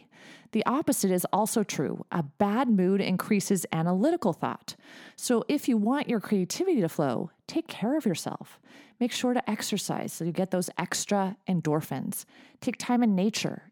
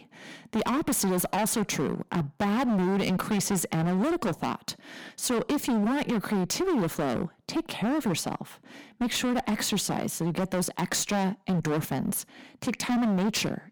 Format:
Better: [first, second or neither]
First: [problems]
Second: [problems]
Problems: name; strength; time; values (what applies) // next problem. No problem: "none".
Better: first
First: none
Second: distortion; heavy; 24% of the sound clipped